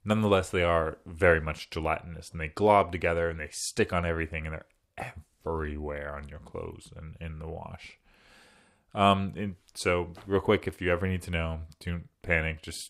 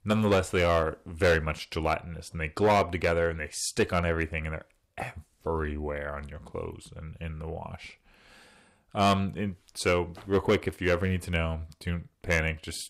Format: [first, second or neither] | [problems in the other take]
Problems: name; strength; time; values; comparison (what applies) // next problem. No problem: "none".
first | distortion; slight; 3% of the sound clipped